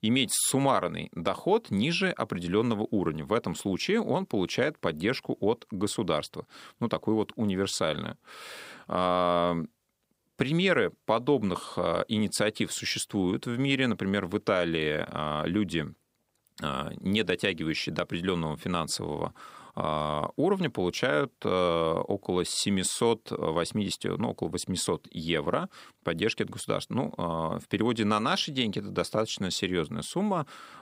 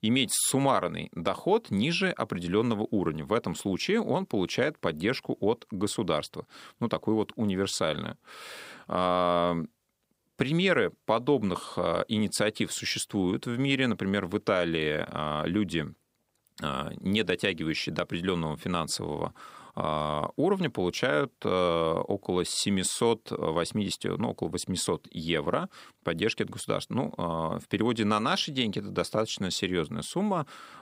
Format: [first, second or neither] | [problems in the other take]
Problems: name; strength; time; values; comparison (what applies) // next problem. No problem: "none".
neither | none